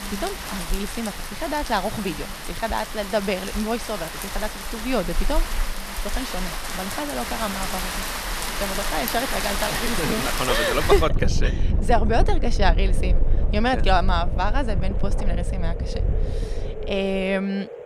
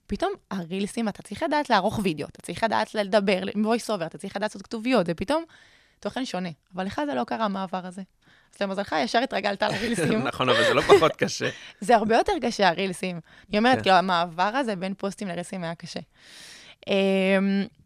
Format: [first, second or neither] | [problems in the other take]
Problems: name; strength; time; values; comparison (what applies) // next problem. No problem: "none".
second | rain or running water; loud; throughout; 1 dB below the speech